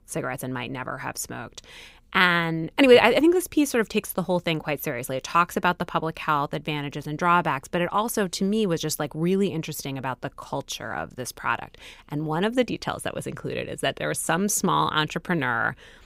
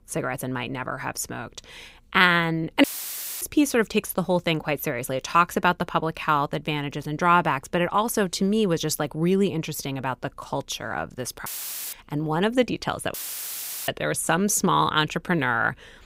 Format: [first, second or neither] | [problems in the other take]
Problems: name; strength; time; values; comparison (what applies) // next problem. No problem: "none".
first | audio cutting out; filled with static; at 3 s for 0.5 s, at 11 s and at 13 s for 0.5 s